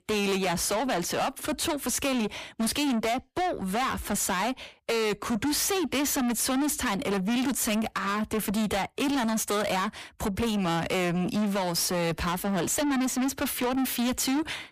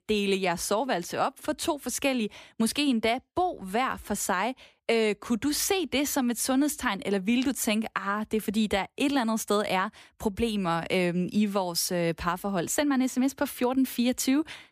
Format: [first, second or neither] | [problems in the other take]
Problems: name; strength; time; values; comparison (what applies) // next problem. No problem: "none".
second | distortion; heavy; 6 dB below the speech